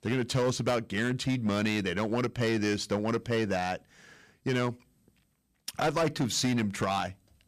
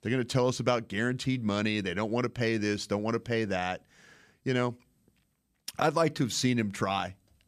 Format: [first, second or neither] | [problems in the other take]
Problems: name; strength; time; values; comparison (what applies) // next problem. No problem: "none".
second | distortion; slight; 8% of the sound clipped